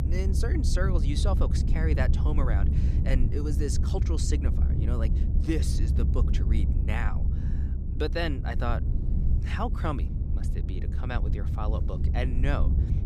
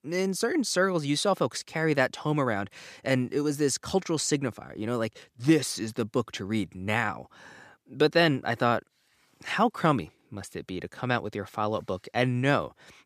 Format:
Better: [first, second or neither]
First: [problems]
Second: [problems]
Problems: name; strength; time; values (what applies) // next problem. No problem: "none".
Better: second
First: low rumble; loud; throughout; 7 dB below the speech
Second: none